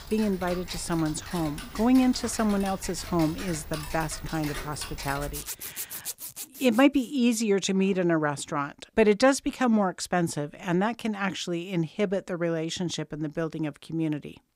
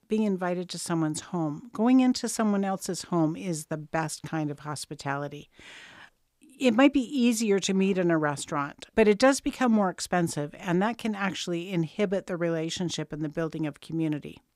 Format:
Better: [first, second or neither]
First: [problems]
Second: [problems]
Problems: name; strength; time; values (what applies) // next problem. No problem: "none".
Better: second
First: household noises; noticeable; until 6.5 s; 10 dB below the speech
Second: none